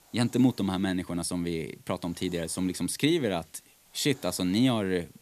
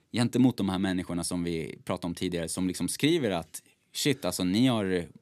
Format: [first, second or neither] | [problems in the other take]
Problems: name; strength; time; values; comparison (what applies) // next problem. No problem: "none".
second | hiss; faint; throughout; 25 dB below the speech